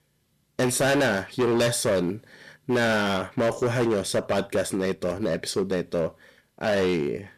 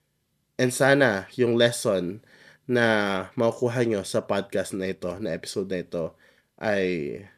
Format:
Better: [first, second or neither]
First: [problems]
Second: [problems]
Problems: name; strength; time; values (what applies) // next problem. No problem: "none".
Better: second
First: distortion; heavy; 13% of the sound clipped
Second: none